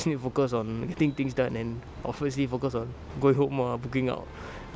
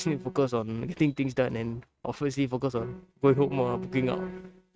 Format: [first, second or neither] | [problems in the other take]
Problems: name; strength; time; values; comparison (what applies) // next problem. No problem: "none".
first | noise reduction (neural mask model RNNoise)